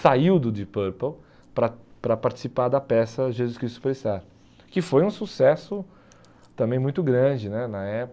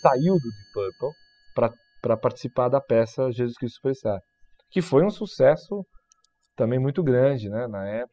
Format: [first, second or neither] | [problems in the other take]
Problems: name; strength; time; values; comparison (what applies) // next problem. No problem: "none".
first | noise reduction (classical method spectral subtraction)